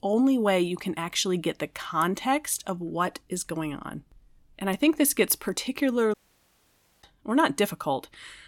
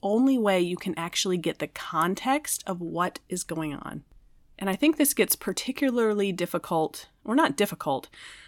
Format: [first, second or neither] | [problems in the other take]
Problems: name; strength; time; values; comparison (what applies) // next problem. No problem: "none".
second | audio cutting out; at 6 s for 1 s